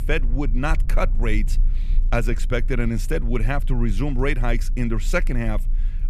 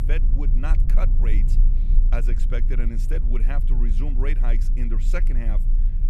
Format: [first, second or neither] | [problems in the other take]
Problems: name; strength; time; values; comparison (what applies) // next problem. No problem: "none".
first | low rumble; loud; throughout; 8 dB below the speech; faint in the first